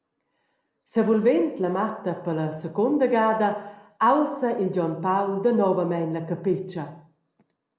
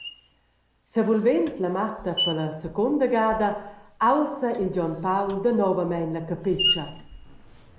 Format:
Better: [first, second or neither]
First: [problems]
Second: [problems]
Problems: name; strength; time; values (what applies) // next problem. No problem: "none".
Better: first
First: none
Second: background sound (Screech); 10 dB below the speech